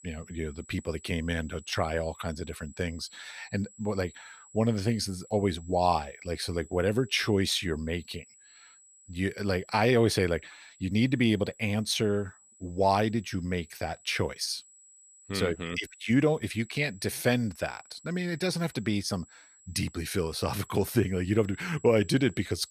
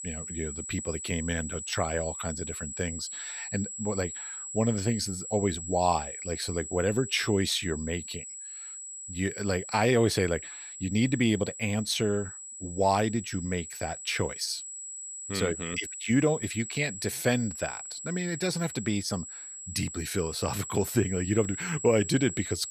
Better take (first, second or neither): first